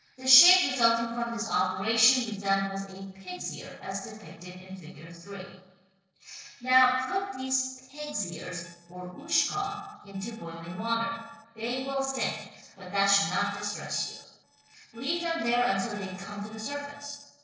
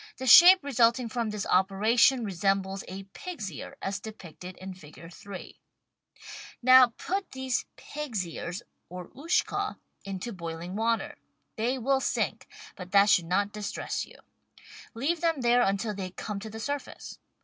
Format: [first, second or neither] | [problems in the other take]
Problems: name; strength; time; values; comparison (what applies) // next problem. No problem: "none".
second | noise reduction (neural separator model SepFormer DNS4)